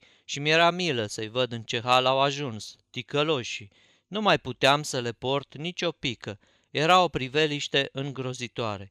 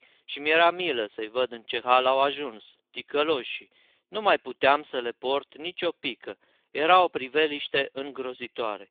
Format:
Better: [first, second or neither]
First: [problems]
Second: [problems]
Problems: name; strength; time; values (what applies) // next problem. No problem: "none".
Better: first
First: none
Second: phone-call audio